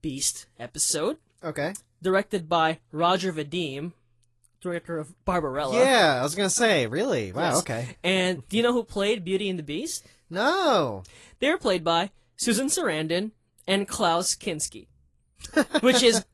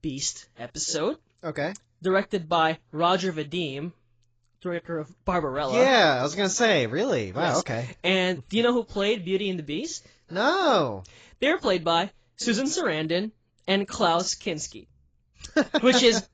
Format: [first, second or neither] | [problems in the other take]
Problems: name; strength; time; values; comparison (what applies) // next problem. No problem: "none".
first | garbled, watery; badly; nothing above 7.5 kHz; slightly in the first